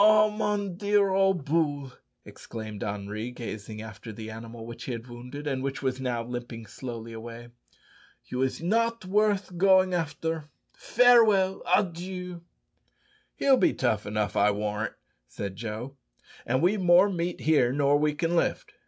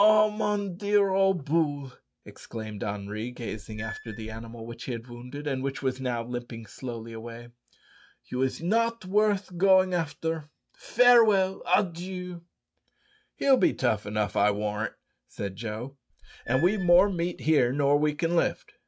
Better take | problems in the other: first | noise reduction (neural mask model RNNoise)

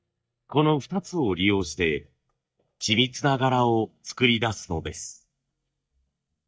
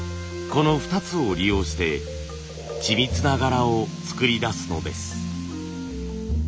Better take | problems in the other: second | noise reduction (neural mask model DeepFilterNet 3)

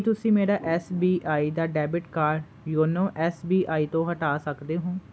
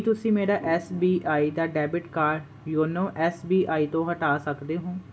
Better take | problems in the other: first | room echo; dies away in 0.3 s

